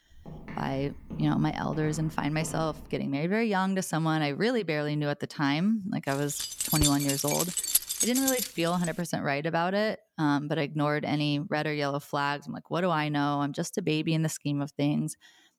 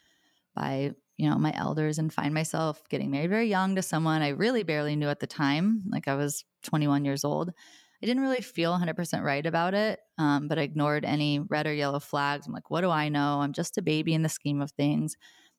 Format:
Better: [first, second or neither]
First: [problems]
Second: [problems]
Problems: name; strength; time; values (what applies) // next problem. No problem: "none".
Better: second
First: footsteps; faint; until 3 s; peak 10 dB below the speech // jangling keys; loud; from 6.5 to 9 s; peak 4 dB above the speech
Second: none